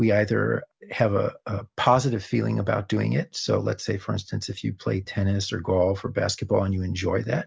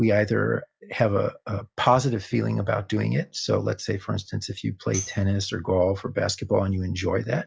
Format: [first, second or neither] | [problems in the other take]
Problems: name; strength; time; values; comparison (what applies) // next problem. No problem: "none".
first | noise reduction (classical method log-MMSE)